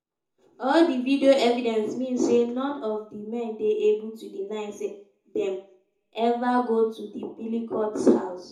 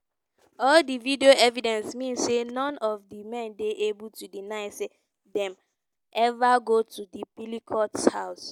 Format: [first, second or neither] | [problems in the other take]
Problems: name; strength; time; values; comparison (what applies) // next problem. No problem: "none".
second | room echo; dies away in 0.6 s